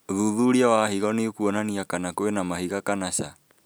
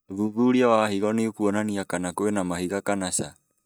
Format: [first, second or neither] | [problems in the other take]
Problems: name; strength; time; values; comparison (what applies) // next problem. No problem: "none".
first | noise reduction (neural mask model DeepFilterNet 3)